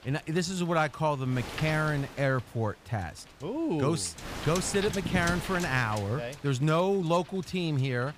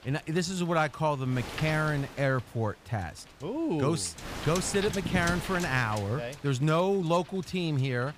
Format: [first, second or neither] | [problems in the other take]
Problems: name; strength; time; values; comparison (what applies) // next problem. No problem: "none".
neither | wind noise on the microphone; heavy; 9 dB below the speech; the same in both